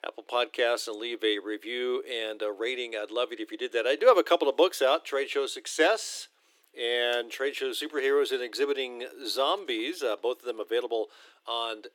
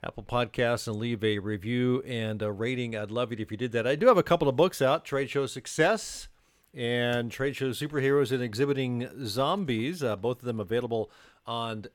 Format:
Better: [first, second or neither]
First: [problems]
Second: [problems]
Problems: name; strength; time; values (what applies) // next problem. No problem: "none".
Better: second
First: thin; very; fading below 300 Hz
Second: none